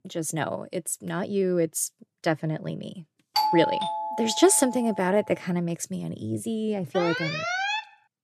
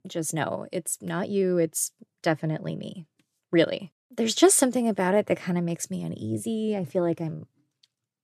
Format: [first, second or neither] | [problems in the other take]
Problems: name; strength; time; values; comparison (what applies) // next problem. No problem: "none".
second | doorbell; loud; from 3.5 to 5 s; peak 2 dB above the speech // alarm; noticeable; at 7 s; peak level with the speech